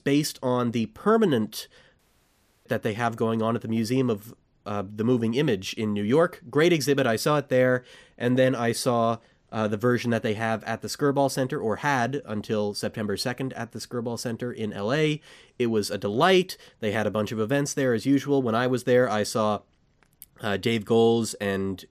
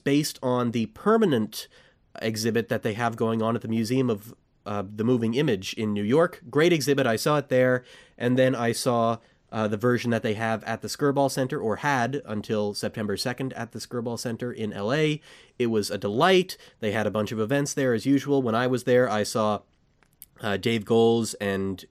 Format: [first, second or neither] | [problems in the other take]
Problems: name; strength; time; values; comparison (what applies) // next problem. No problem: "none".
second | audio cutting out; at 2 s for 0.5 s